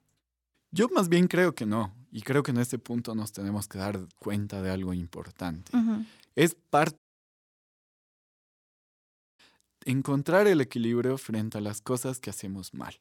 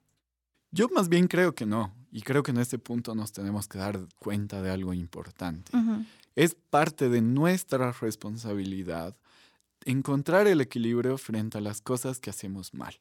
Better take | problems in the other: second | audio cutting out; at 7 s for 2.5 s

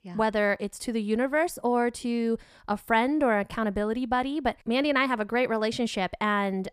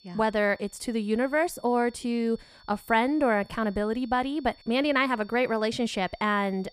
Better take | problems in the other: first | high-pitched whine; faint; throughout; 4.5 kHz, 30 dB below the speech

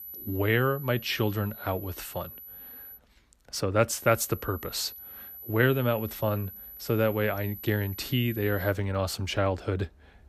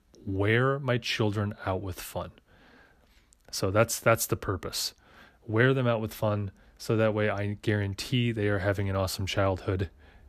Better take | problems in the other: second | high-pitched whine; noticeable; until 3 s and from 4 to 8.5 s; 12 kHz, 15 dB below the speech

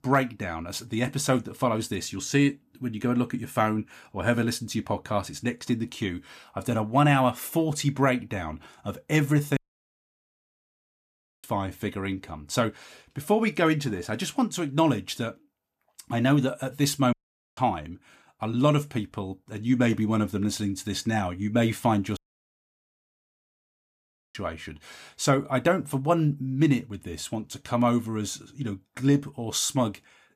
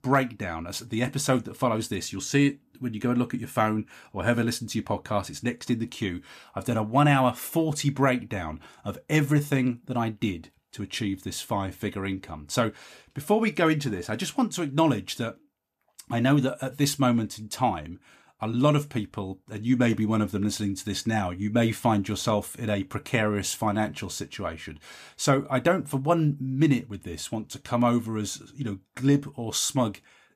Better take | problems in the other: second | audio cutting out; at 9.5 s for 2 s, at 17 s and at 22 s for 2 s

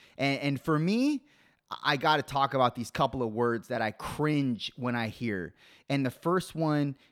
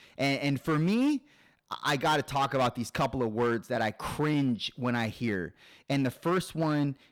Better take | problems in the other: first | distortion; slight; 7% of the sound clipped

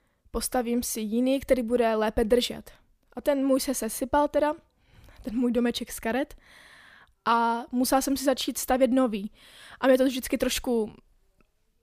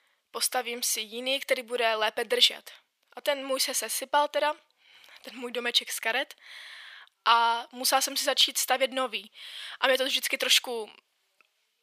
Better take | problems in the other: first | thin; very; fading below 750 Hz

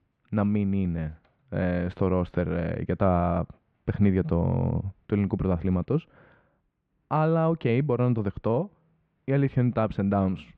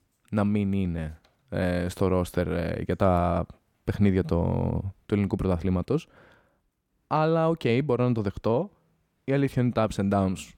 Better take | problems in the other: second | muffled; slightly; fading above 2.5 kHz

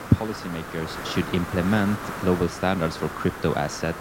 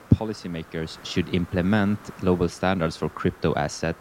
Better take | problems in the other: second | hiss; loud; throughout; 8 dB below the speech; faint in the second

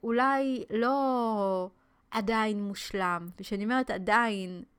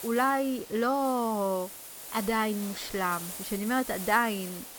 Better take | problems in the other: first | hiss; noticeable; throughout; 10 dB below the speech

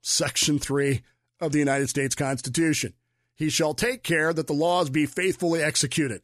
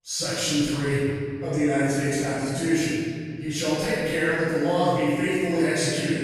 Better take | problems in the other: first | off-mic speech; far // room echo; strong; dies away in 2.1 s

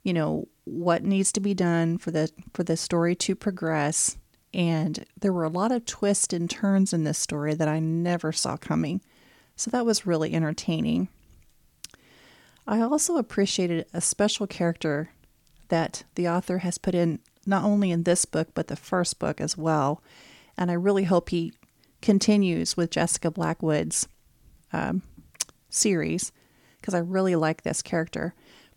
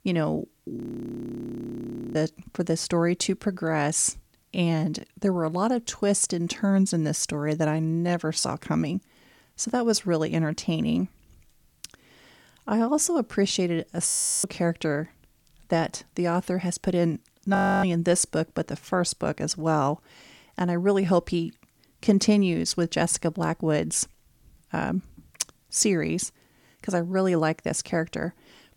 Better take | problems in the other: first | audio freezing; at 1 s for 1.5 s, at 14 s and at 18 s

